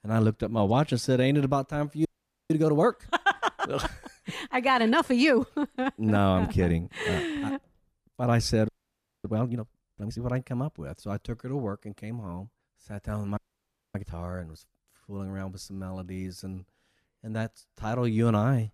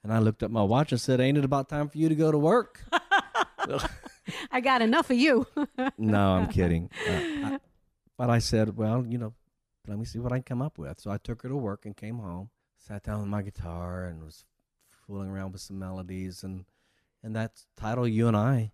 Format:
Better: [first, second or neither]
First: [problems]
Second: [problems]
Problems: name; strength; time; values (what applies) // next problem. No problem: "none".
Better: second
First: audio freezing; at 2 s, at 8.5 s for 0.5 s and at 13 s for 0.5 s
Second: none